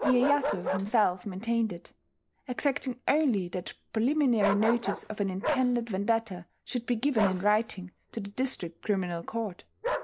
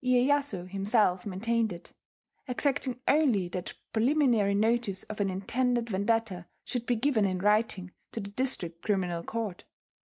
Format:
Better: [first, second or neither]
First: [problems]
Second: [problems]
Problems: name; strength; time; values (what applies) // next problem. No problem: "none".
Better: second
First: background sound (Bark); 8 dB below the speech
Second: none